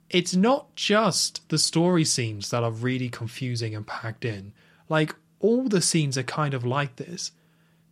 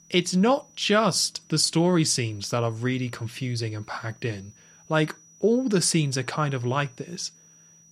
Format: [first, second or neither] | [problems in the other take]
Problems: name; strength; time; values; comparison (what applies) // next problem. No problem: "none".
first | high-pitched whine; faint; throughout; 6 kHz, 30 dB below the speech